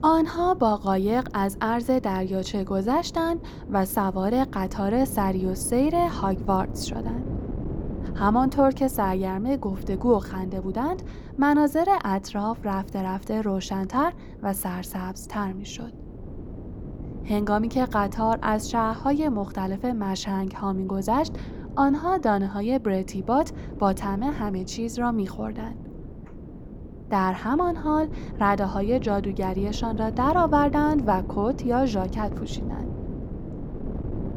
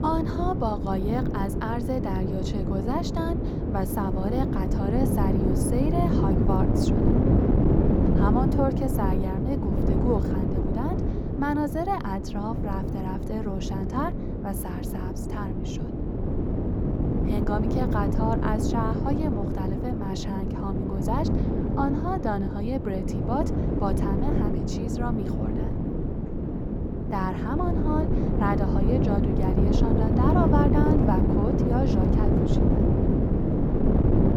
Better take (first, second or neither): first